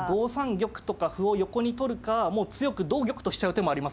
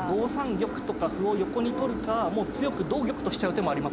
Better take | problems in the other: first | background sound (Engine); 4 dB below the speech

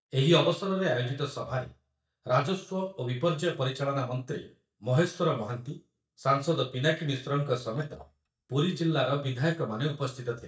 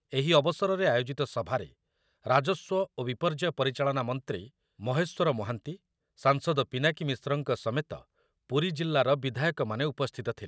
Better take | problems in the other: second | noise reduction (neural mask model DeepFilterNet 3)

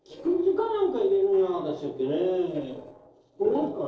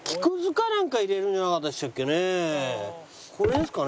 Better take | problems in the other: second | noise reduction (neural separator model SepFormer DNS4)

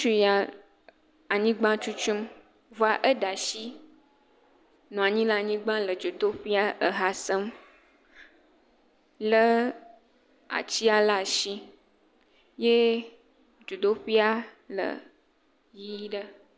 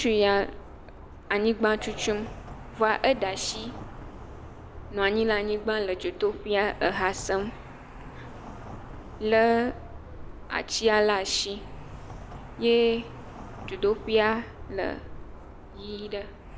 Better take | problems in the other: first | background sound (Traffic noise, roadway noise); 13 dB below the speech

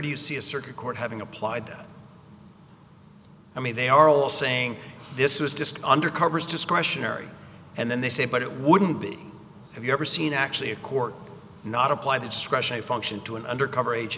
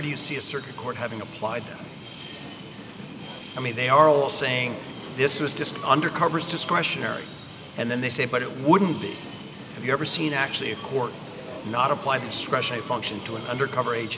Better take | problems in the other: first | background sound (Subway, metro, underground); 13 dB below the speech

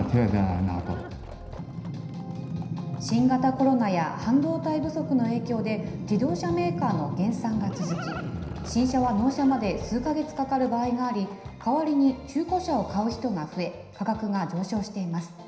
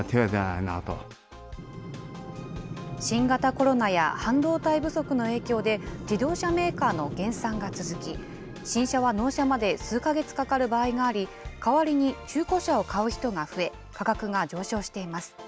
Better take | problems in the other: second | background sound (Livestock, farm animals, working animals); 17 dB below the speech // room echo; dies away in 0.9 s

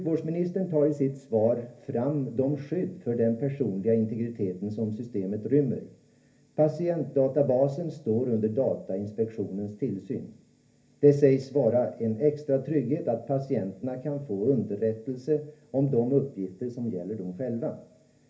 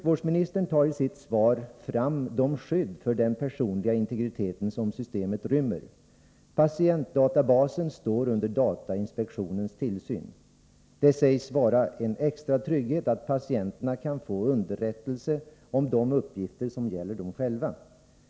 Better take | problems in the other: second | room echo; dies away in 0.3 s

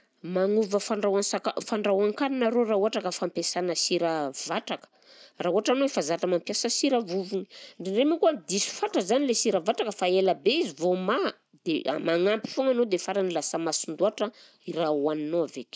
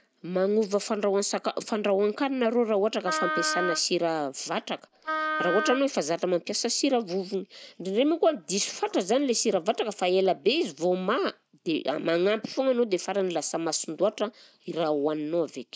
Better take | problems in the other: first | background sound (Wind instrument, woodwind instrument); 4 dB below the speech

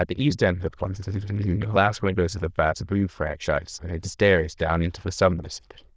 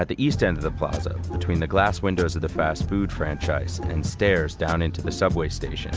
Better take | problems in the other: second | noise reduction (neural diffusion model UNIVERSE++)

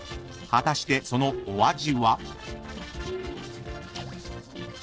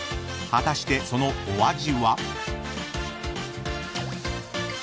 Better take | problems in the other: second | noise reduction (neural separator model SepFormer DNS4)

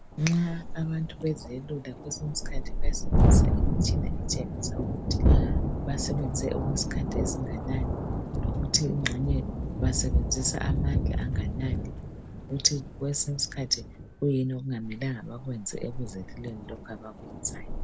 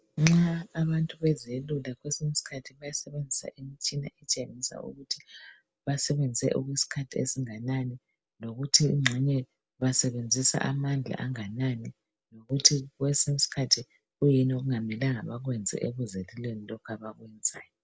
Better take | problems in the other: second | background sound (Thunderstorm); 4 dB above the speech

